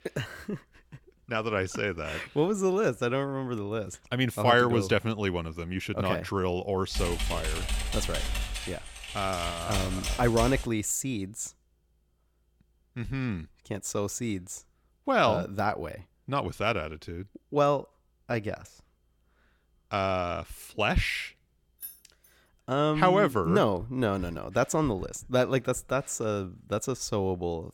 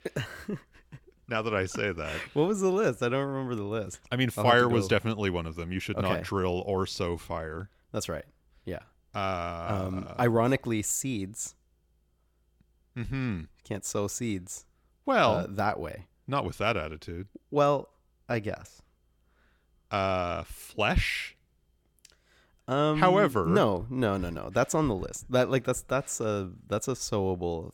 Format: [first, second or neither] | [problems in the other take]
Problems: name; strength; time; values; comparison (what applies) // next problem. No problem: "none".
second | keyboard typing; noticeable; from 7 to 11 s; peak 3 dB below the speech // jangling keys; faint; at 22 s; peak 15 dB below the speech